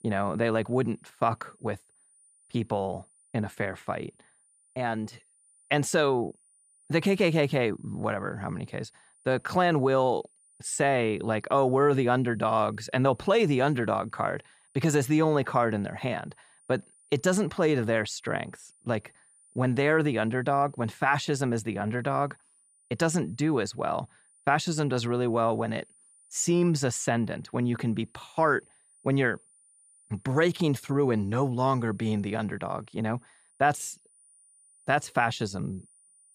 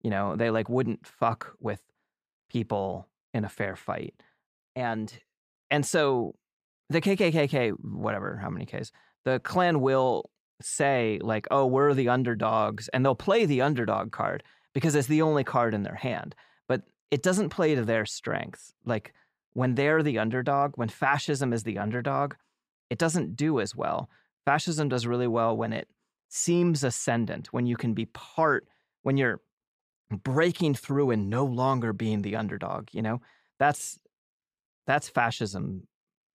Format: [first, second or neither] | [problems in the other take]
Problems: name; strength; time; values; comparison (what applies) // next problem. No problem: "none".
second | high-pitched whine; faint; throughout; 9.5 kHz, 30 dB below the speech